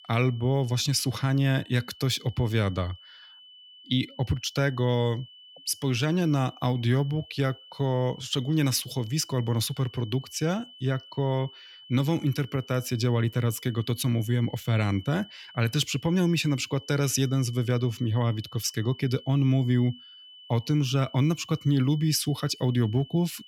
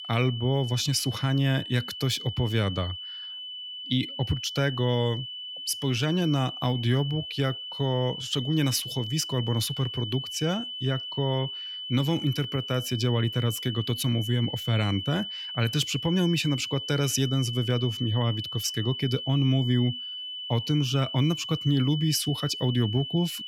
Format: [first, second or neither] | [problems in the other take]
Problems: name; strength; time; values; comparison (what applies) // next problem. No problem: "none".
first | high-pitched whine; loud; throughout; 3 kHz, 7 dB below the speech; faint in the first